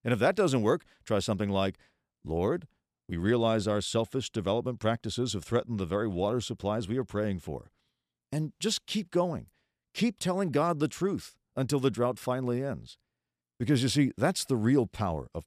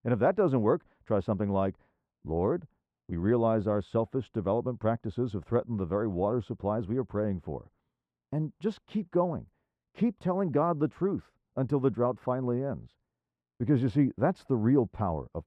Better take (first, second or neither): first